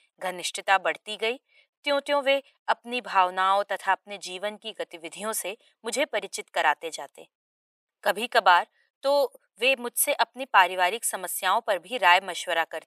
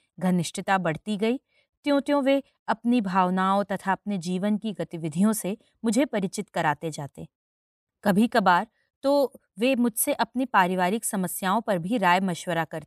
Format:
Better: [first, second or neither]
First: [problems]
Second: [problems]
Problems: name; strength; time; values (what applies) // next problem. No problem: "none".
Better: second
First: thin; very; fading below 500 Hz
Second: none